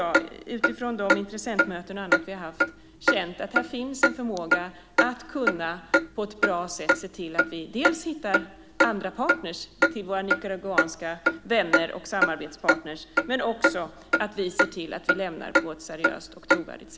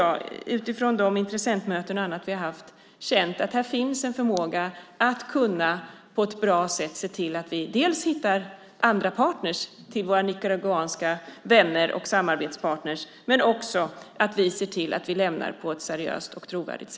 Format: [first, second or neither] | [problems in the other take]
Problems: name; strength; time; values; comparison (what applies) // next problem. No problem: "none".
second | background sound (Clock); 4 dB above the speech